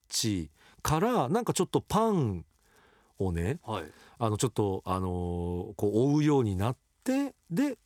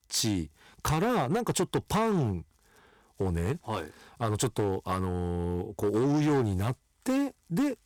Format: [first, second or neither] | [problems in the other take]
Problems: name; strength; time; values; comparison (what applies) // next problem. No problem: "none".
first | distortion; slight; 9% of the sound clipped